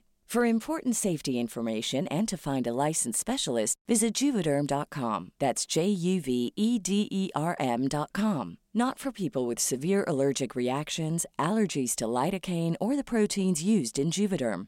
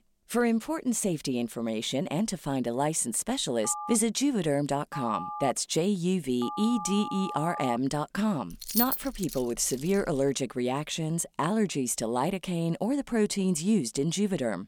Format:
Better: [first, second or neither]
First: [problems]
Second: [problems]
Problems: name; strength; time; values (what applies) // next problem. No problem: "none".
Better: first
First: none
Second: phone ringing; noticeable; from 3.5 to 8 s; peak 8 dB below the speech // jangling keys; loud; from 8.5 to 10 s; peak 2 dB above the speech